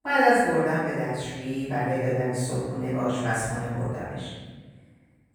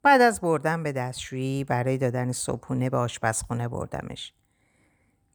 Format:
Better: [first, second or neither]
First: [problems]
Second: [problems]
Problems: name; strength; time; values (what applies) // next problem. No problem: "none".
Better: second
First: off-mic speech; far // room echo; strong; dies away in 1.4 s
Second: none